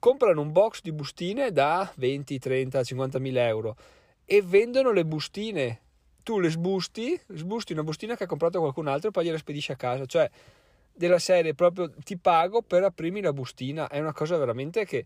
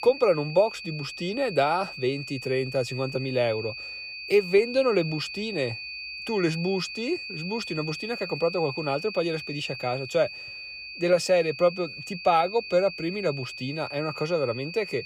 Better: first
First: none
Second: high-pitched whine; loud; throughout; 2.5 kHz, 9 dB below the speech

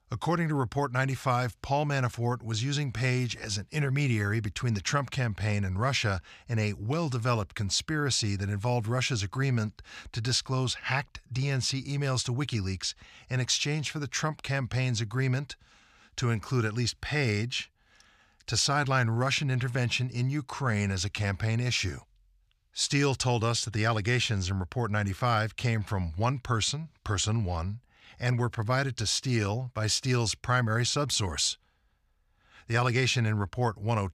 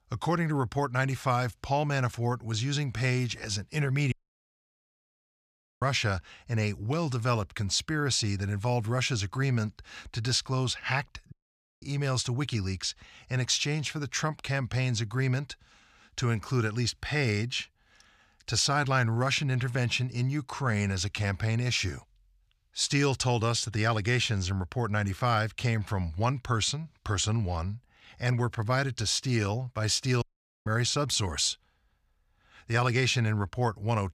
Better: first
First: none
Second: audio cutting out; at 4 s for 1.5 s, at 11 s for 0.5 s and at 30 s

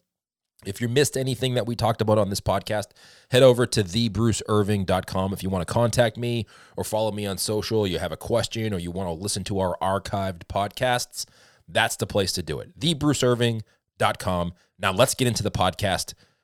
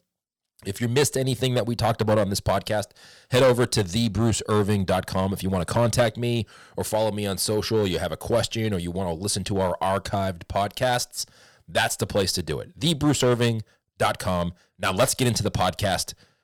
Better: first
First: none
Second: distortion; slight; 4% of the sound clipped

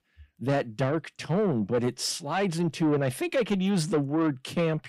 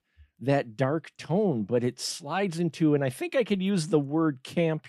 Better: second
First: distortion; slight; 10 dB below the speech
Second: none

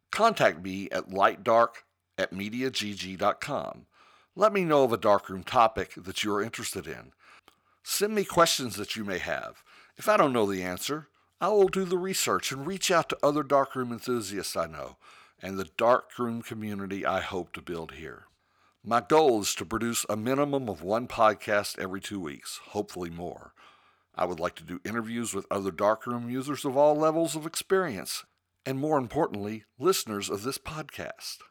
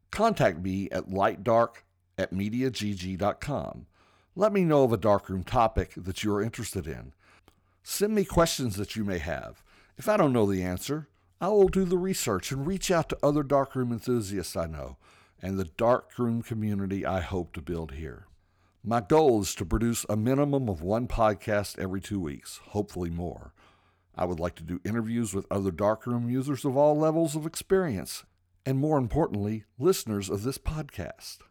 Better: second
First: thin; very slightly; fading below 400 Hz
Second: none

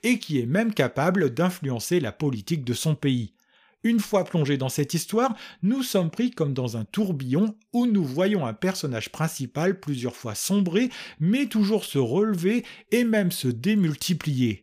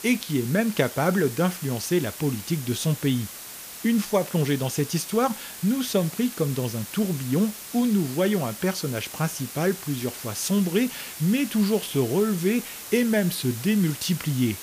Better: first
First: none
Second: hiss; noticeable; throughout; 10 dB below the speech

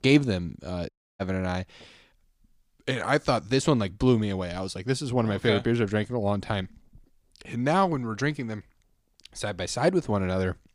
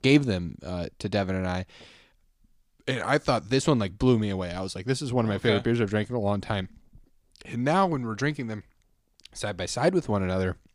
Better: second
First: audio cutting out; at 1 s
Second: none

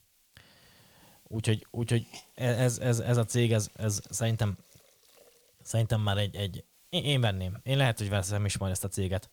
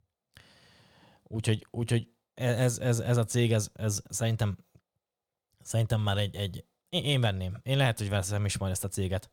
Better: second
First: hiss; faint; throughout; 25 dB below the speech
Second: none

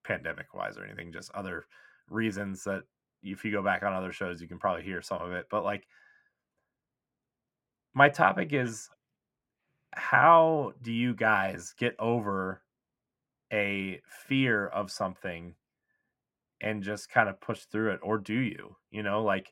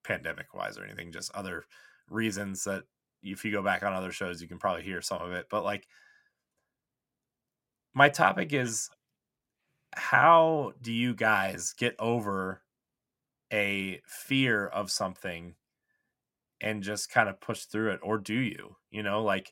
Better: second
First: muffled; slightly; fading above 3.5 kHz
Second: none

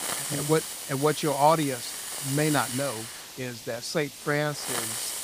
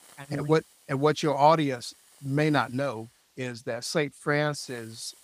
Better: second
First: hiss; loud; throughout; 5 dB below the speech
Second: hiss; faint; throughout; 30 dB below the speech

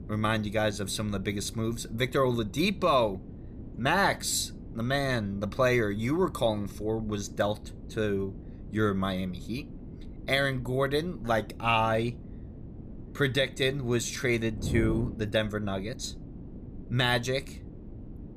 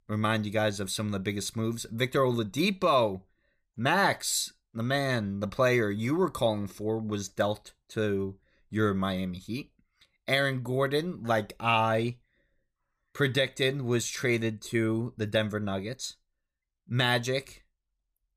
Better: second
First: wind noise on the microphone; occasional gusts; 20 dB below the speech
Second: none

